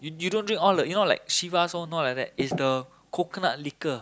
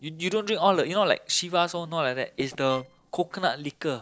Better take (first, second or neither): first